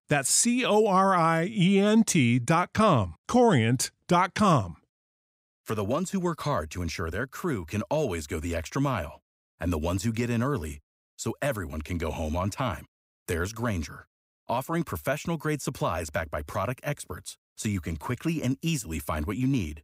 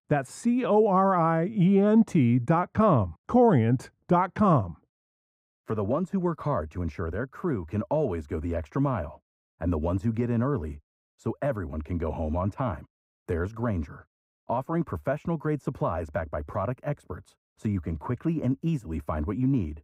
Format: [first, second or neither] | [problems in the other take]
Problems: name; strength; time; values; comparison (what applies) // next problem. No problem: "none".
first | muffled; very; fading above 2 kHz